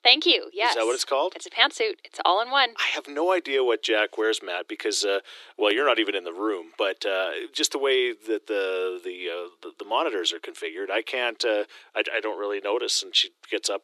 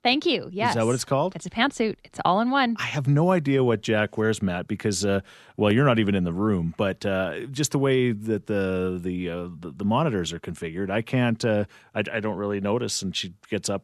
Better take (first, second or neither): second